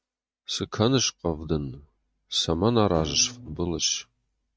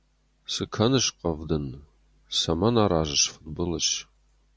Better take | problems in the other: second | noise reduction (neural mask model RNNoise)

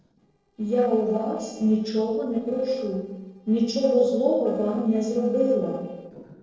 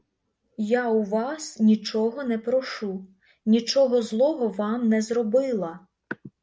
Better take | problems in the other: second | noise reduction (neural separator model SepFormer DNS4)

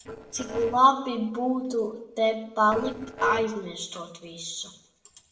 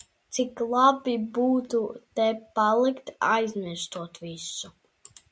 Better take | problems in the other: second | noise reduction (neural separator model SepFormer DNS4)

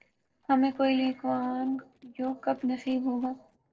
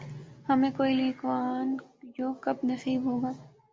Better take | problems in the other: second | noise reduction (neural separator model SepFormer DNS4)

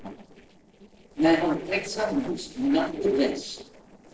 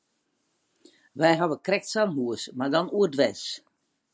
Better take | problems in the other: second | noise reduction (neural separator model SepFormer DNS4)

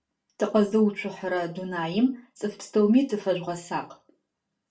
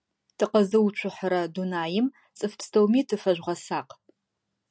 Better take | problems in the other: second | room echo; dies away in 0.3 s

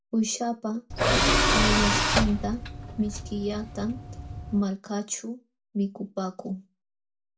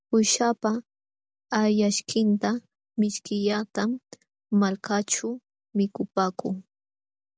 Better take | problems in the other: second | background sound (Tools); 5 dB above the speech // room echo; dies away in 0.2 s

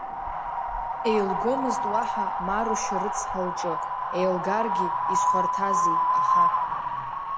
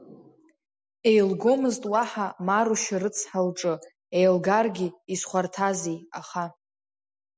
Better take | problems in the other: second | background sound (Wind); 5 dB above the speech

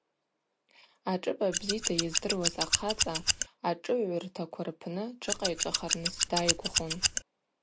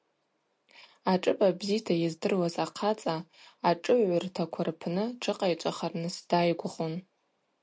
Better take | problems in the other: second | background sound (Scissors); 4 dB above the speech

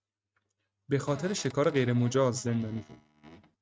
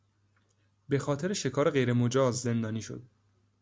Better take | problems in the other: second | noise reduction (neural mask model RNNoise)

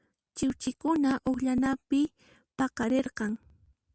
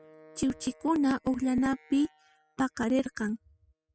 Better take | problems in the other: first | noise reduction (classical method spectral subtraction)

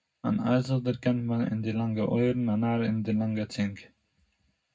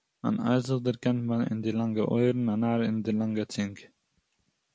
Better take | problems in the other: second | room echo; dies away in 0.3 s

